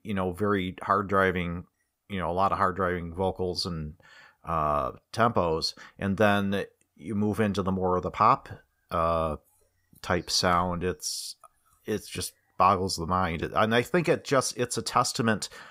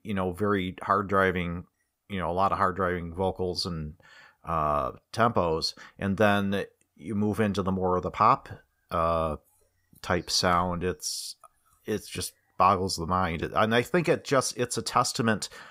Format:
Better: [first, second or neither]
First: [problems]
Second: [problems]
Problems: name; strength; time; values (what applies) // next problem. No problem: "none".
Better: neither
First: none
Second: none